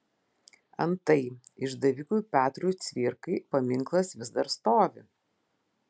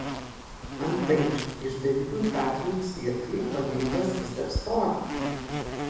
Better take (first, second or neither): first